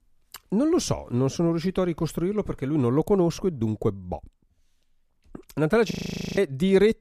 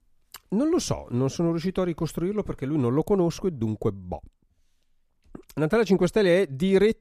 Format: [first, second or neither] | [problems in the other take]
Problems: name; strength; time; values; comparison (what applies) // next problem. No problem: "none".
second | audio freezing; at 6 s